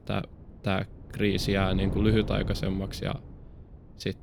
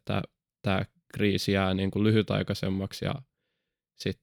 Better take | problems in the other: second | wind noise on the microphone; occasional gusts; 10 dB below the speech

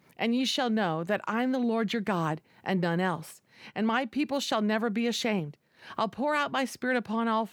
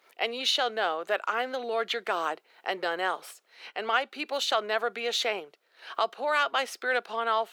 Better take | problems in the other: first | thin; very; fading below 400 Hz

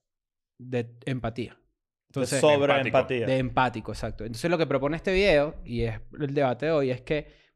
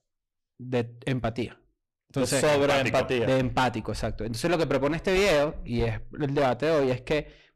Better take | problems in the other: first | distortion; heavy; 14% of the sound clipped

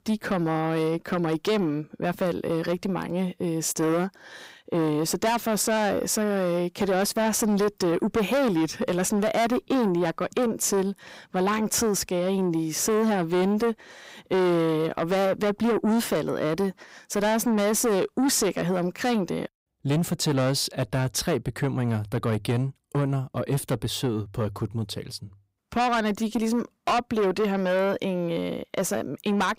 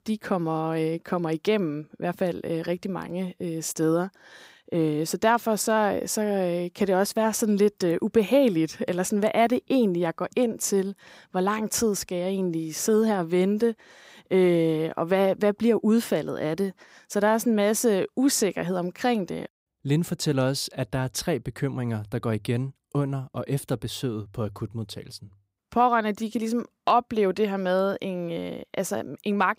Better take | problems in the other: second | distortion; heavy; 8 dB below the speech

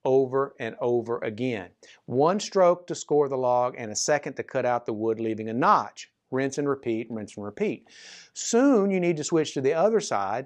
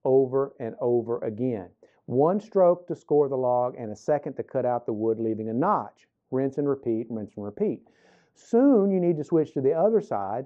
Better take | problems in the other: first | muffled; very; fading above 1.5 kHz

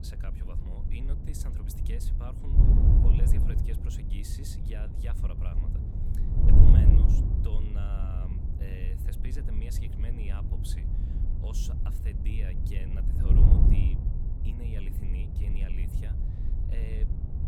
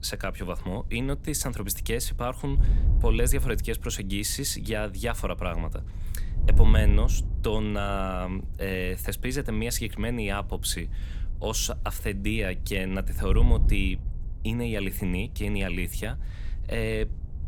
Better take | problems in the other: second | wind noise on the microphone; heavy; 4 dB above the speech; occasional gusts in the second

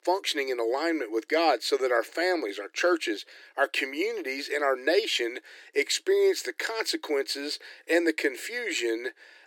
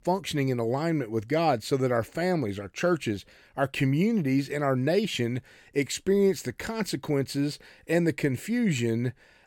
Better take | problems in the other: second | thin; very; fading below 300 Hz

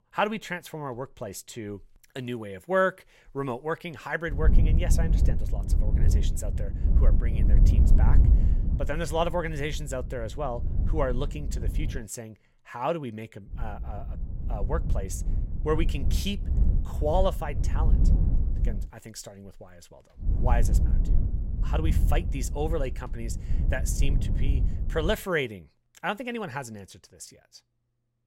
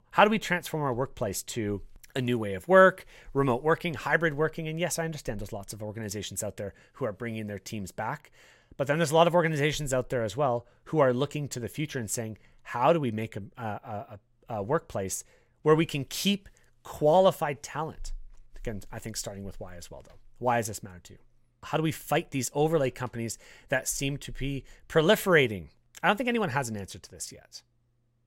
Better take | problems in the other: second | wind noise on the microphone; occasional gusts; from 4.5 to 12 s, from 14 to 19 s and from 20 to 25 s; 10 dB below the speech

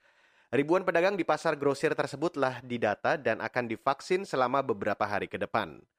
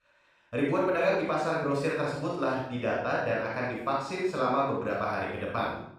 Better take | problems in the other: first | off-mic speech; far // room echo; strong; dies away in 0.6 s

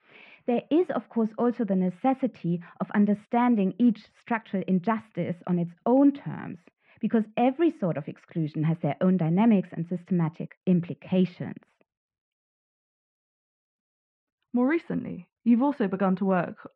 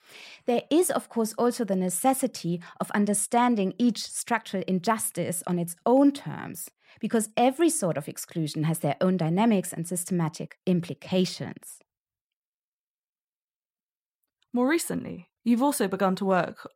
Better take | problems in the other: second | muffled; very; fading above 2.5 kHz

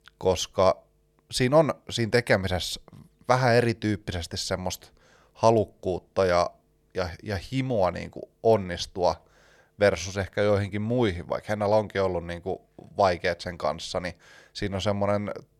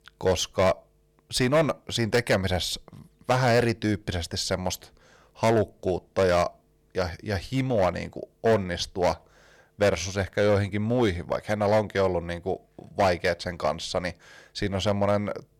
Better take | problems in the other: first | distortion; slight; 5% of the sound clipped

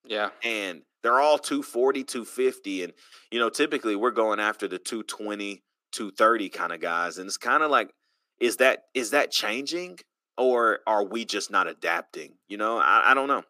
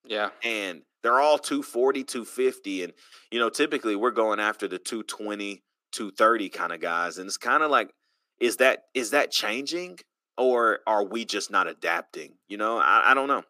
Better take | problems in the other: neither | thin; somewhat; fading below 250 Hz; the same in both

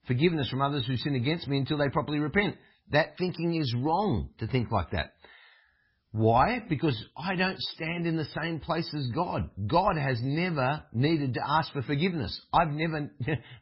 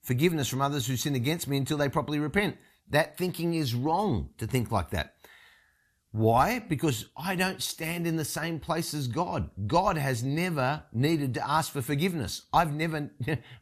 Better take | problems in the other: second | garbled, watery; badly; nothing above 5 kHz

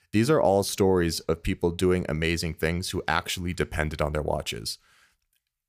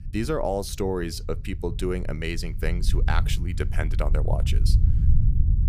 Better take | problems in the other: first | low rumble; noticeable; throughout; 10 dB below the speech

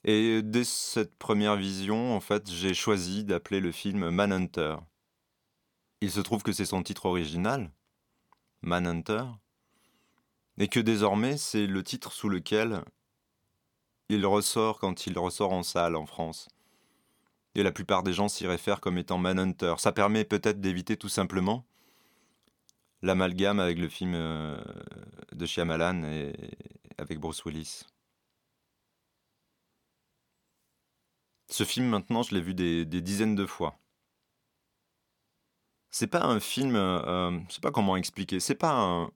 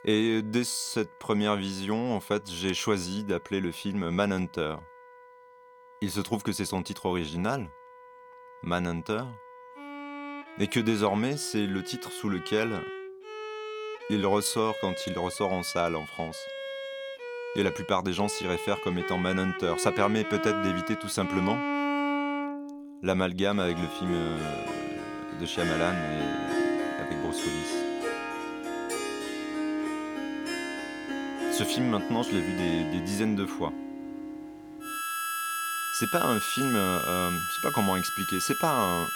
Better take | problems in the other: first | background music; loud; throughout; 4 dB below the speech

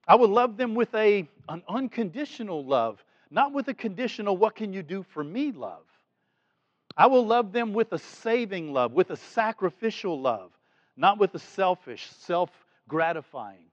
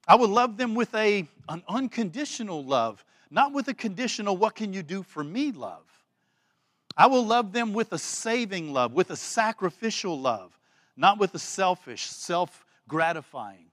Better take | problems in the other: second | muffled; slightly; fading above 3.5 kHz

